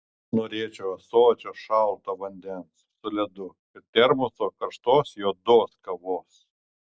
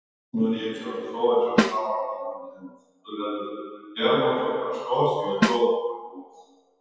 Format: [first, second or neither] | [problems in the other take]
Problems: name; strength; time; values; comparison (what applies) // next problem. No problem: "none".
first | noise reduction (classical method WPE with log-MMSE)